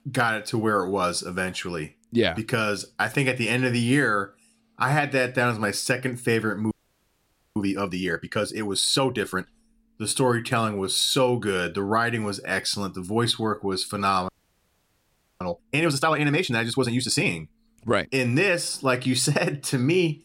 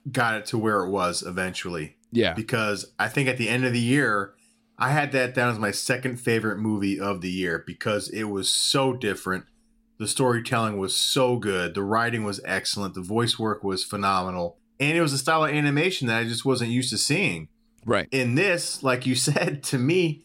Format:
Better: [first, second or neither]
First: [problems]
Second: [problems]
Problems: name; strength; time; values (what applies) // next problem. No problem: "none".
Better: second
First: audio freezing; at 6.5 s for 1 s and at 14 s for 1 s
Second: none